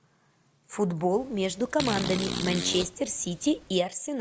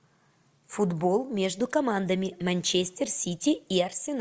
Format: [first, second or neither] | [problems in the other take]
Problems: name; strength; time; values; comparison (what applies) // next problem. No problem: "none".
second | background sound (Fart); 6 dB below the speech